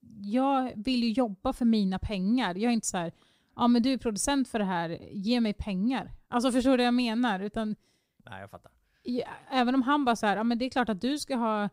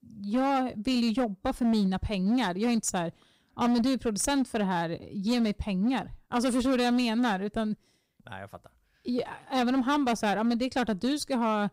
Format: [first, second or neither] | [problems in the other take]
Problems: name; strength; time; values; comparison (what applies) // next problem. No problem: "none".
first | distortion; slight; 12% of the sound clipped